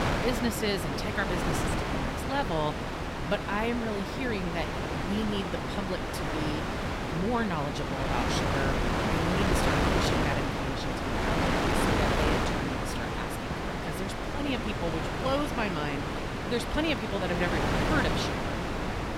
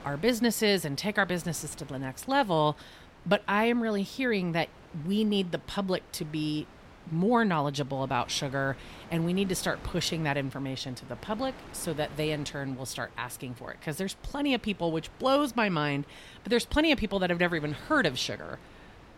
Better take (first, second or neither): second